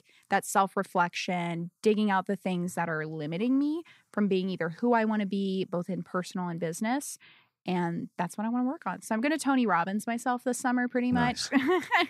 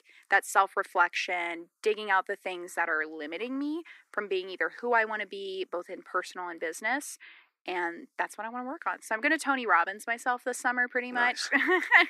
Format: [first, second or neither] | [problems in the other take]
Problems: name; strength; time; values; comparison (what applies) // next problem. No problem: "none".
first | thin; somewhat; fading below 300 Hz